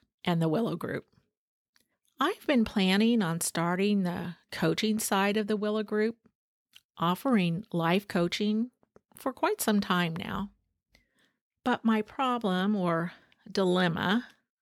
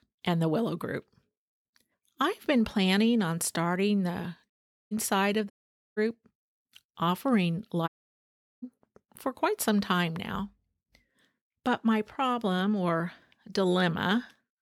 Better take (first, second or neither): first